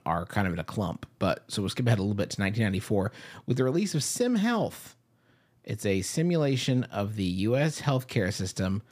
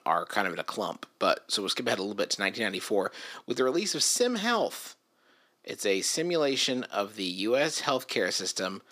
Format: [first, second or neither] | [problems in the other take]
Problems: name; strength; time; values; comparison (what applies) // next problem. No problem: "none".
first | thin; somewhat; fading below 300 Hz